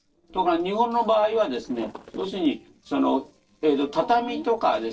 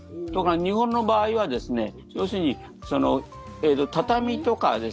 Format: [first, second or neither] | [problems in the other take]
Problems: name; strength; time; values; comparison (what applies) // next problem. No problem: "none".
second | noise reduction (neural separator model SepFormer DNS4)